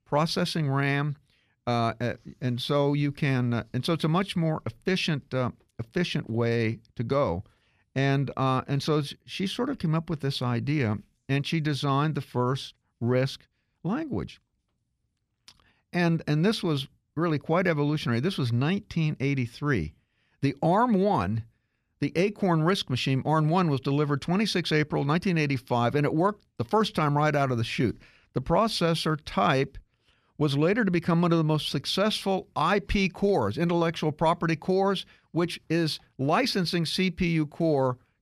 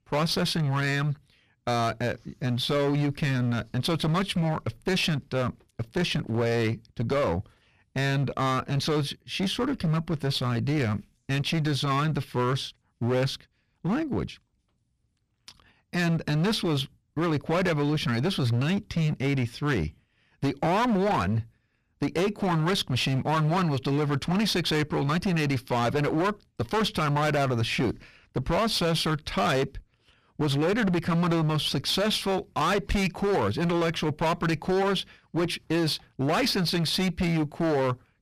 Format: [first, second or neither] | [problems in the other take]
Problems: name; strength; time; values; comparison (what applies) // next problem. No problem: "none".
first | distortion; heavy; 17% of the sound clipped